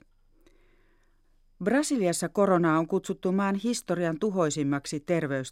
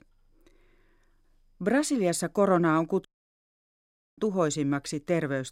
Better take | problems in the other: first | audio cutting out; at 3 s for 1 s

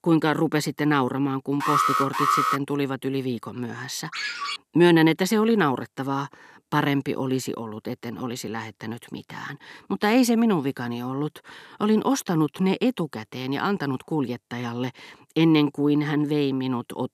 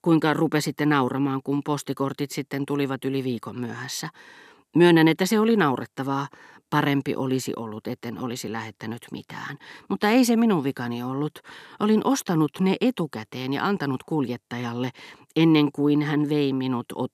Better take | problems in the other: second | alarm; loud; at 1.5 s; peak 3 dB above the speech // phone ringing; noticeable; at 4 s; peak 4 dB below the speech

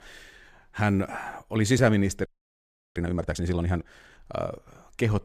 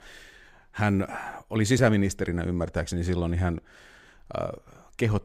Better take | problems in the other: second | audio freezing; at 2.5 s for 0.5 s

